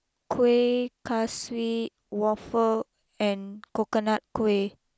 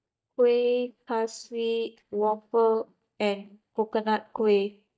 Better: first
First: none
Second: noise reduction (neural mask model DeepFilterNet 3)

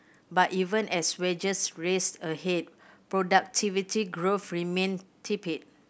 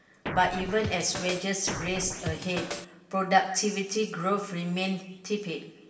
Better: first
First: none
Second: background sound (Scratching (performance technique)); 7 dB below the speech // room echo; dies away in 1.1 s

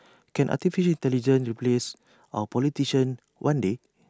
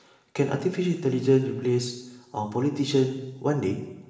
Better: first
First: none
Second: room echo; dies away in 1.2 s

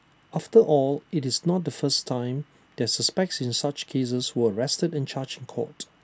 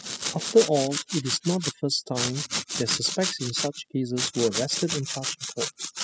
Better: first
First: none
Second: noise reduction (classical method spectral subtraction)

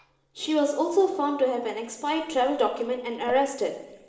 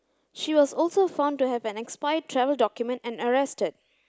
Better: second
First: noise reduction (neural separator model SepFormer DNS4)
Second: none

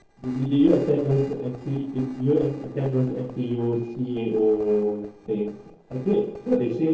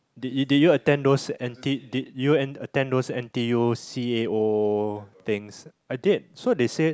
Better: second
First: noise reduction (neural separator model SepFormer DNS4)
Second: none

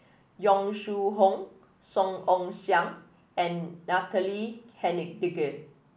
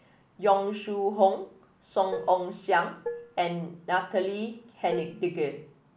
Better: first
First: none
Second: background sound (Dishes, pots, and pans); 11 dB below the speech

